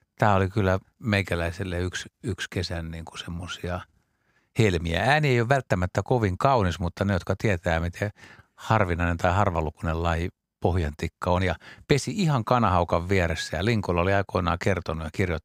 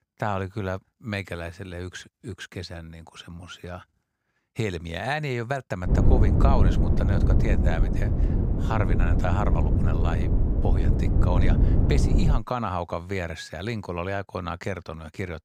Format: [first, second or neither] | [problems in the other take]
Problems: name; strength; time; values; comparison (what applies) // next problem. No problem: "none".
first | wind noise on the microphone; heavy; from 6 to 12 s; 2 dB below the speech